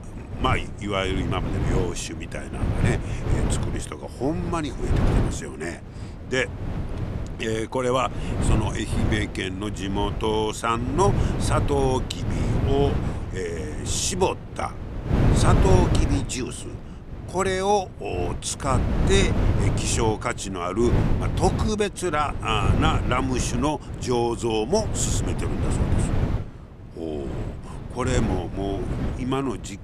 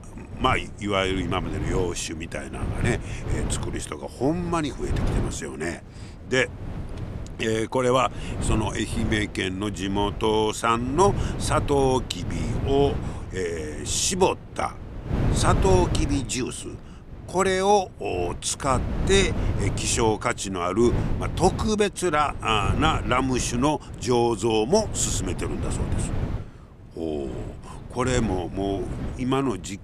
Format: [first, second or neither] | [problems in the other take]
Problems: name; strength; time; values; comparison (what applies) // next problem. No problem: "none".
second | wind noise on the microphone; heavy; 7 dB below the speech; occasional gusts in the second